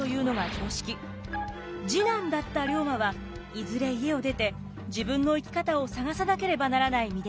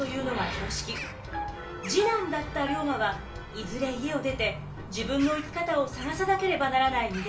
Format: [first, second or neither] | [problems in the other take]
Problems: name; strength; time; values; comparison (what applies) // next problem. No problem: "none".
first | background sound (Bird vocalization, bird call, bird song); 15 dB below the speech // room echo; dies away in 0.4 s